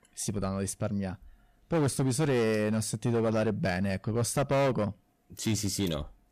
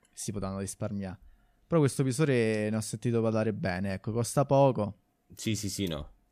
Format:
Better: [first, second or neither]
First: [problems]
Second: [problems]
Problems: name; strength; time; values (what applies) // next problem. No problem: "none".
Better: second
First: distortion; heavy; 9% of the sound clipped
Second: none